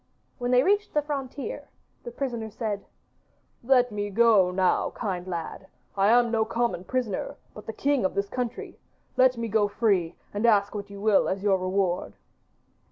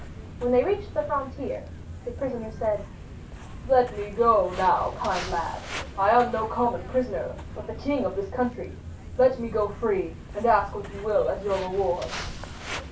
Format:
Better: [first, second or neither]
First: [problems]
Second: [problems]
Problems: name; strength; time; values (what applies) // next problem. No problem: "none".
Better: first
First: none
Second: background sound (Walk, footsteps); 11 dB below the speech // room echo; dies away in 0.2 s